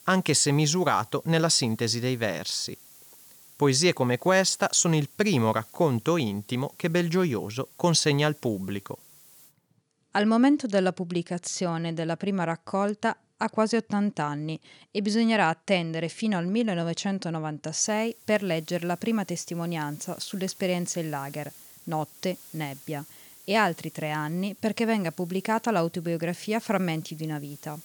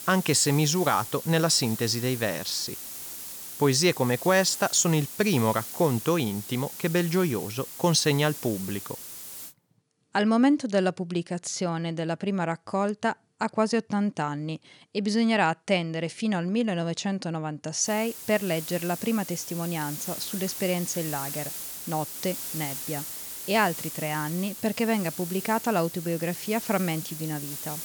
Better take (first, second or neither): first